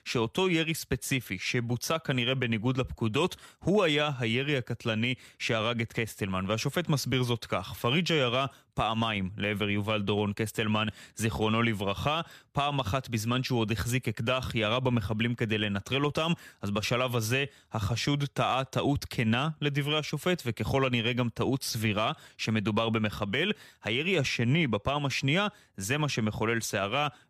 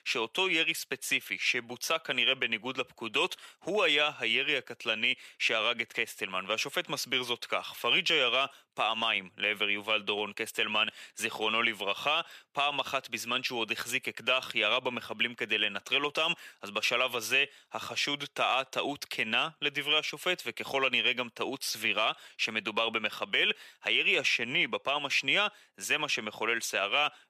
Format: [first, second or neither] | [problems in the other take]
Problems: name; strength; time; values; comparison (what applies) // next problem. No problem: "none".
first | thin; somewhat; fading below 450 Hz